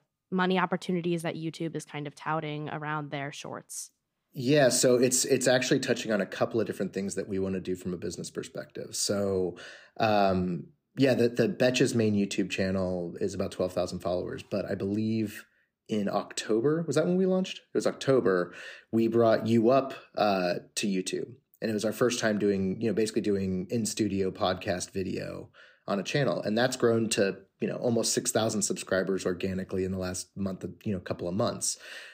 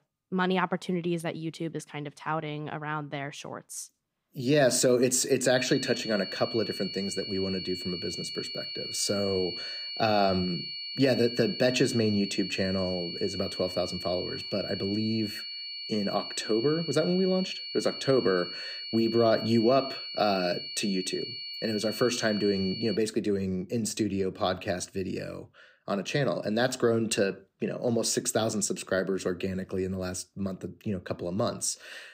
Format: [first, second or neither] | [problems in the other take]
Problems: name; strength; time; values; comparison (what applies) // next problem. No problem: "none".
first | high-pitched whine; loud; from 5.5 to 23 s; 4.5 kHz, 6 dB below the speech